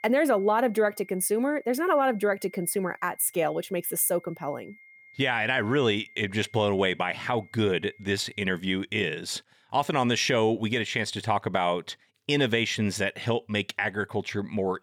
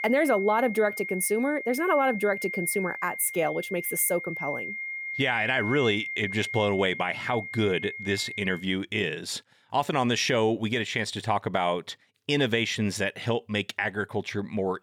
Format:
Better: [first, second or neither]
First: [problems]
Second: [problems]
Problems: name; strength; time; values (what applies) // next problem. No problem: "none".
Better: first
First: high-pitched whine; faint; until 8.5 s; 2 kHz, 25 dB below the speech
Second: high-pitched whine; loud; until 8.5 s; 2 kHz, 7 dB below the speech